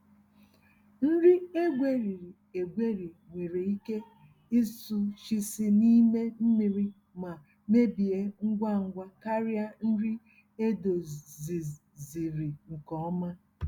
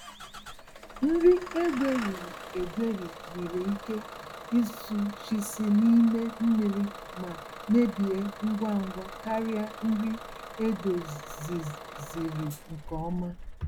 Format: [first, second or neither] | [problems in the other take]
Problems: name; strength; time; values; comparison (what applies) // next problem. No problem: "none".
first | background sound (Engine starting / Bus); 13 dB below the speech